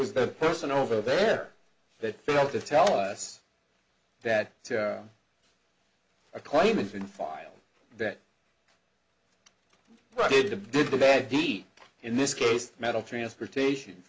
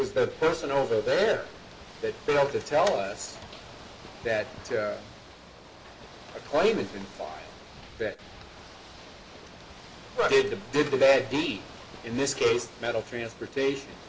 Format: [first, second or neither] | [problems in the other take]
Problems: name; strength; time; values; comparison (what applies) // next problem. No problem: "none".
first | background sound (Ocean / Boat, Water vehicle); 17 dB below the speech // room echo; dies away in 1 s